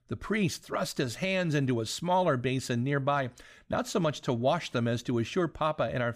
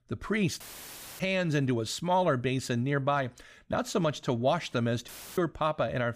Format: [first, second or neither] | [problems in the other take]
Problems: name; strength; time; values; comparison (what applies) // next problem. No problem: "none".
first | audio cutting out; filled with static; at 0.5 s for 0.5 s and at 5 s